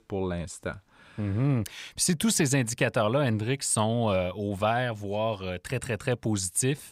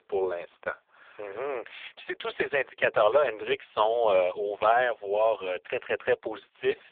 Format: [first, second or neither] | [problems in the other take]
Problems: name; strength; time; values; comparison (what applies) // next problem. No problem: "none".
first | phone-call audio; poor line